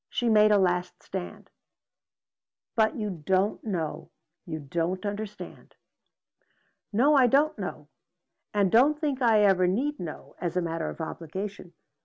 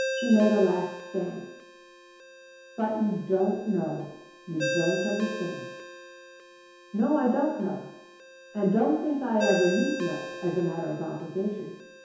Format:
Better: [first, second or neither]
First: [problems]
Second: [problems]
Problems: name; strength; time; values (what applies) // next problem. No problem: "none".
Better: first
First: none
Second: background sound (Ringtone); 9 dB below the speech // room echo; dies away in 1 s